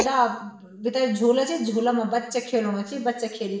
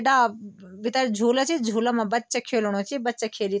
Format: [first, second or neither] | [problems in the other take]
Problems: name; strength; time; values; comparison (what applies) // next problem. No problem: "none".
second | background sound (Writing); 15 dB below the speech // room echo; dies away in 0.7 s